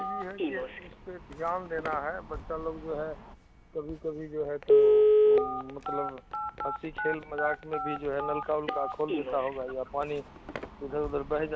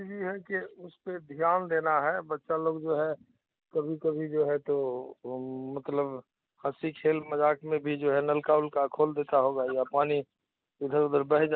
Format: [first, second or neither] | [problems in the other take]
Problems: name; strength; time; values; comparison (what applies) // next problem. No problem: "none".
second | background sound (Telephone); 4 dB above the speech